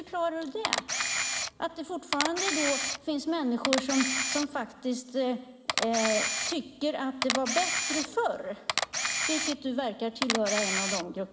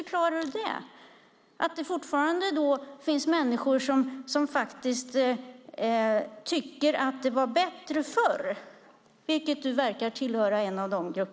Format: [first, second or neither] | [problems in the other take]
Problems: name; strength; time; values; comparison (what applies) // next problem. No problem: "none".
second | background sound (Camera); 1 dB below the speech // room echo; dies away in 1.2 s